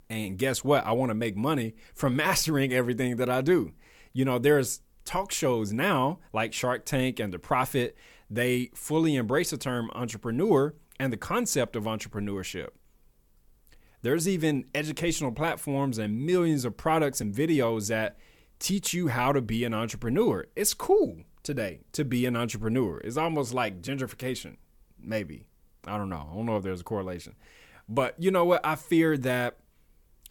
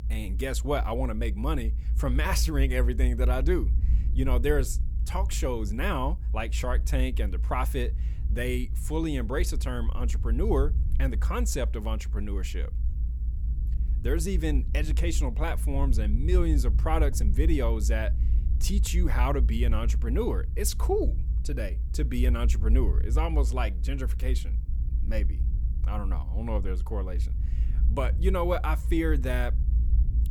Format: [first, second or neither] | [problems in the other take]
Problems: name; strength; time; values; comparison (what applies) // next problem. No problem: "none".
first | low rumble; noticeable; throughout; 15 dB below the speech